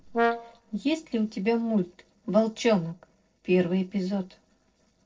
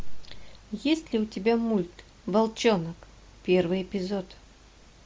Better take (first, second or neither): second